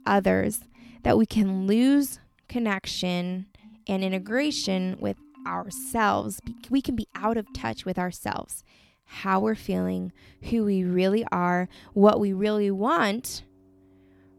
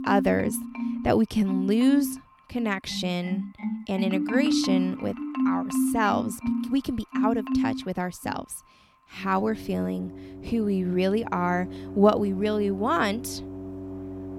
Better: first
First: background music; faint; throughout; 25 dB below the speech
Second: background music; loud; throughout; 4 dB below the speech

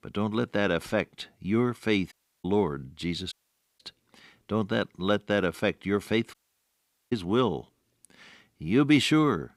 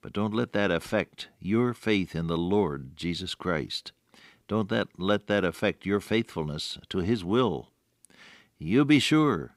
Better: second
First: audio cutting out; at 2 s, at 3.5 s and at 6.5 s for 1 s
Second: none

